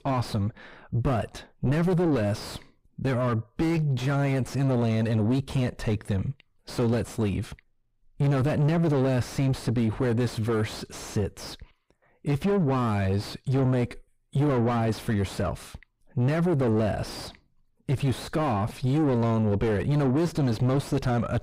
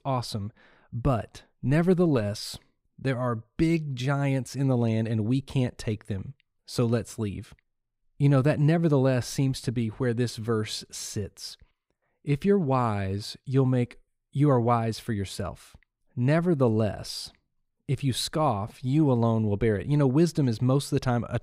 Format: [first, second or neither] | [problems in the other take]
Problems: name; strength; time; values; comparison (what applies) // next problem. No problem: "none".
second | distortion; heavy; 3 dB below the speech